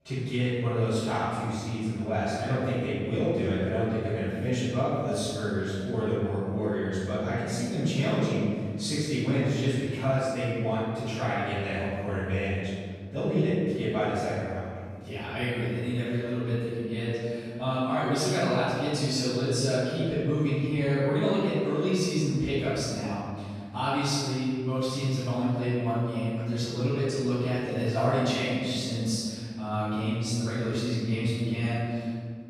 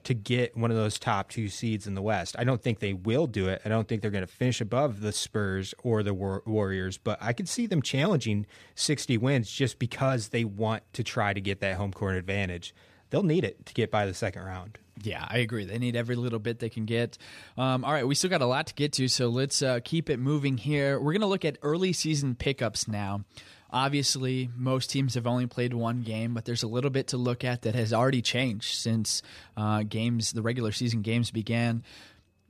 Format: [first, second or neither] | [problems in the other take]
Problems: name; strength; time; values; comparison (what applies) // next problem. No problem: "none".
second | room echo; strong; dies away in 1.9 s // off-mic speech; far